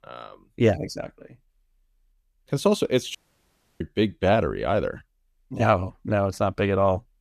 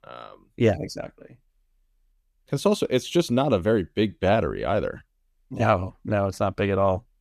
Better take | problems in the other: second | audio cutting out; at 3 s for 0.5 s

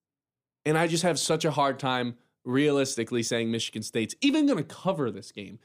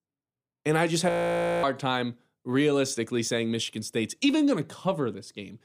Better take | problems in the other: first | audio freezing; at 1 s for 0.5 s

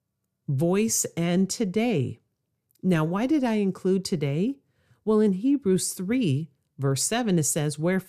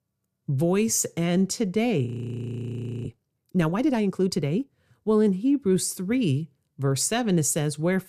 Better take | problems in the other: first | audio freezing; at 2 s for 1 s

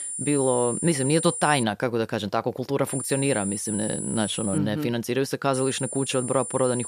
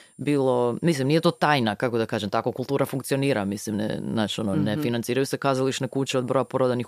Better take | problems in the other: second | high-pitched whine; loud; until 1.5 s, from 3 to 4.5 s and from 5.5 s on; 9.5 kHz, 5 dB below the speech; faint in the second

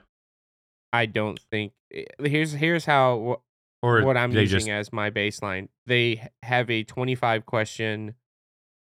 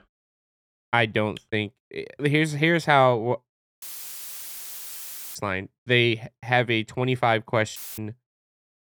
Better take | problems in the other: first | audio cutting out; filled with static; at 4 s for 1.5 s and at 8 s

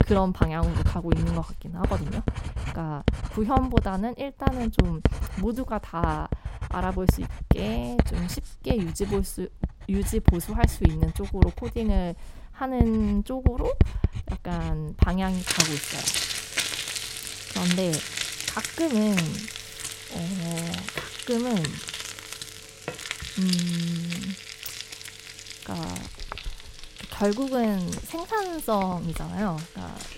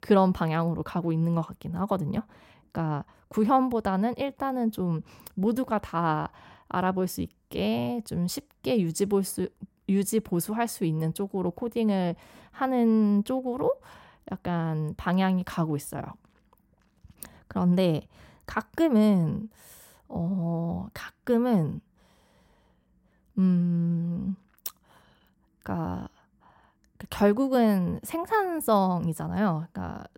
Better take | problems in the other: second | household noises; loud; throughout; as loud as the speech

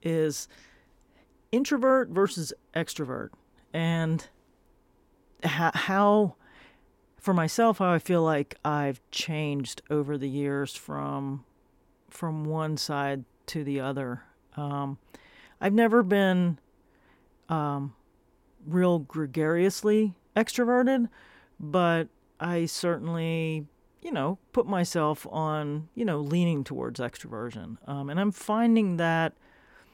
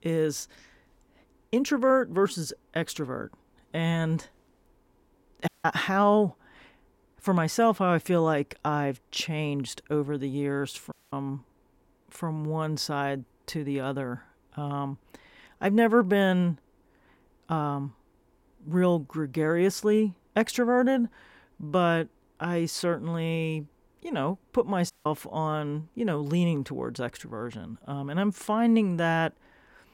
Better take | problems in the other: first | audio cutting out; at 5.5 s, at 11 s and at 25 s

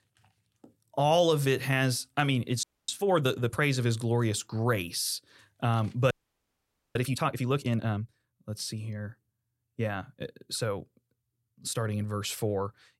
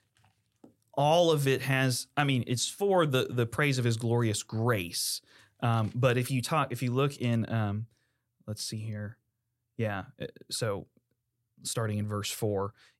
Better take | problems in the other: second | audio freezing; at 2.5 s and at 6 s for 1 s

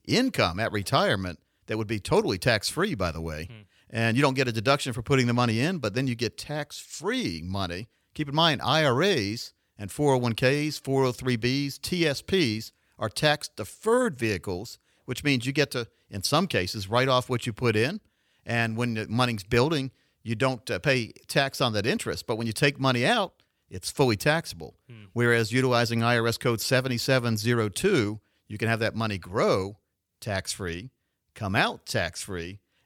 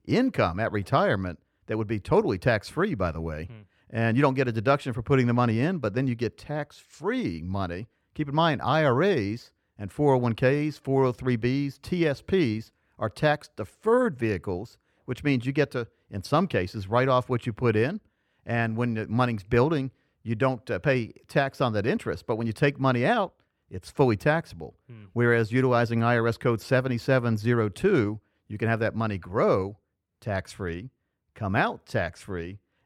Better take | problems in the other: first | muffled; slightly; fading above 2.5 kHz

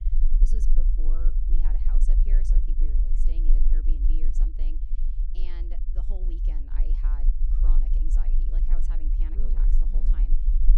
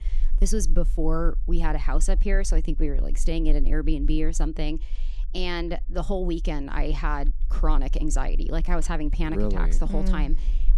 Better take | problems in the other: second | low rumble; loud; throughout; 1 dB below the speech; faint in the second

